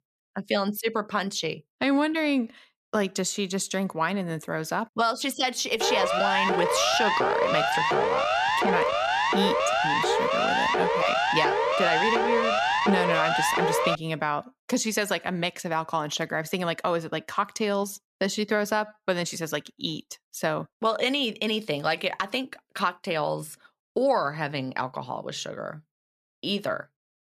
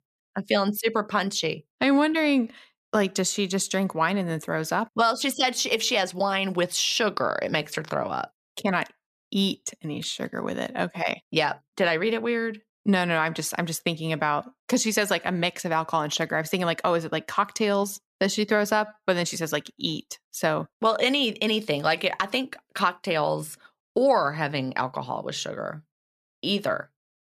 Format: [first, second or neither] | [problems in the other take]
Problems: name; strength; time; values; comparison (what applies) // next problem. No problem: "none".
second | siren; loud; from 6 to 14 s; peak 5 dB above the speech